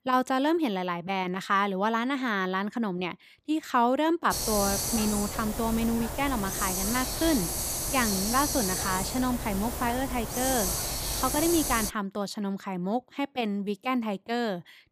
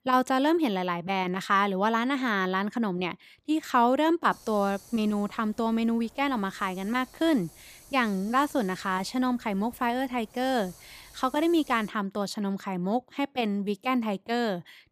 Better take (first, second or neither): second